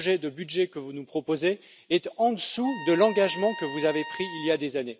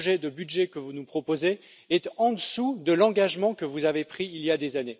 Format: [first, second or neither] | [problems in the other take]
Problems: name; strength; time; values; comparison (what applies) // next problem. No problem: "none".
second | background sound (Trumpet); 12 dB below the speech